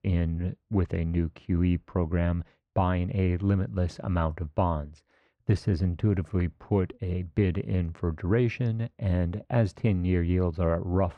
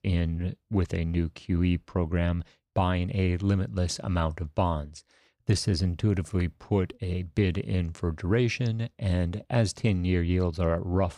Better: second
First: muffled; slightly; fading above 3.5 kHz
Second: none

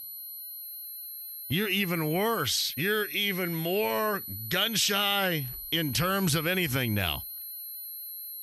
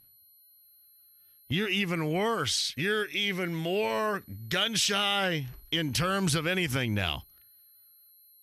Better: second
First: high-pitched whine; loud; throughout; 11.5 kHz, 9 dB below the speech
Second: high-pitched whine; faint; throughout; 11.5 kHz, 25 dB below the speech

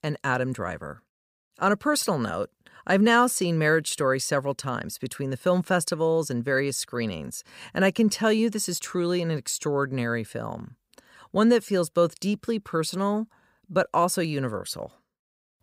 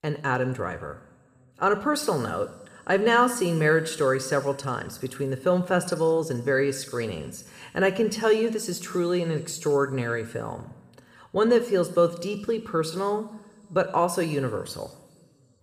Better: first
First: none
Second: room echo; slight; dies away in 1.6 s

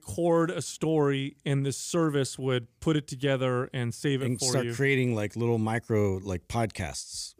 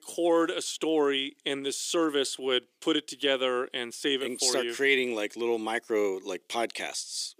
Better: first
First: none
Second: thin; somewhat; fading below 300 Hz

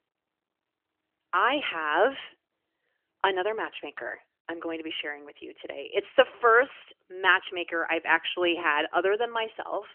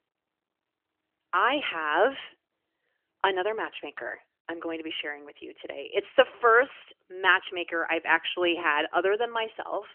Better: neither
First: phone-call audio; nothing above 3 kHz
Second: phone-call audio; nothing above 3 kHz

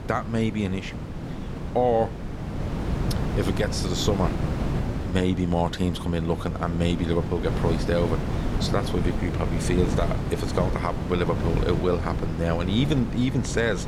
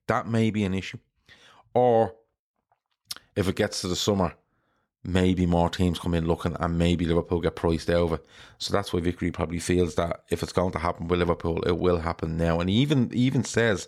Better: second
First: wind noise on the microphone; heavy; 7 dB below the speech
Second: none

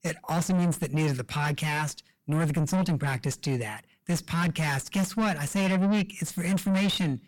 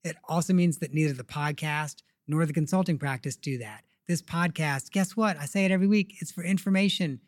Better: second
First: distortion; heavy; 6 dB below the speech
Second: none

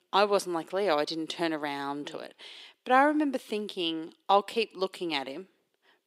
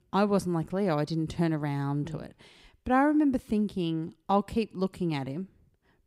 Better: second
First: thin; somewhat; fading below 400 Hz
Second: none

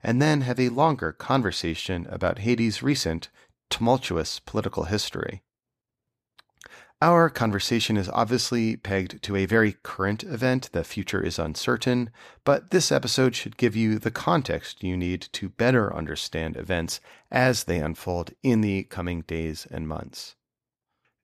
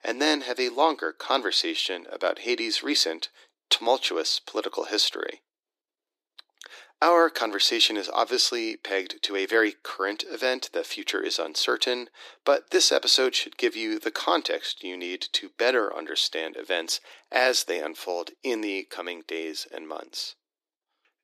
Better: first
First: none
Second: thin; very; fading below 300 Hz

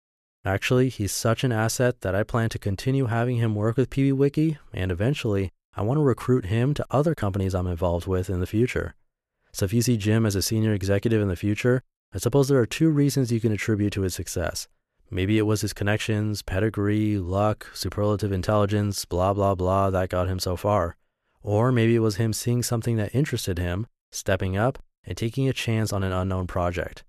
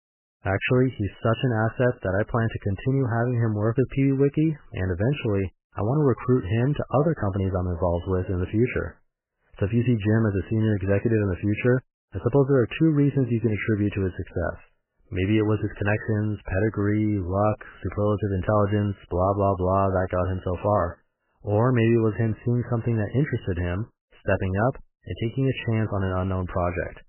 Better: first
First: none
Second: garbled, watery; badly; nothing above 3 kHz

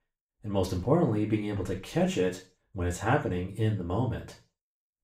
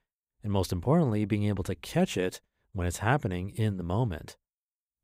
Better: second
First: room echo; slight; dies away in 0.3 s // off-mic speech; far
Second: none

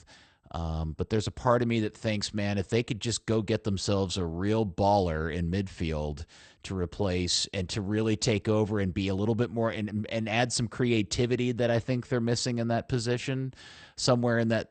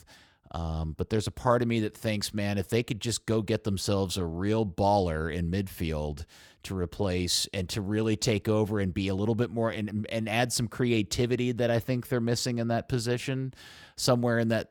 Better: second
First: garbled, watery; slightly; nothing above 8.5 kHz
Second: none

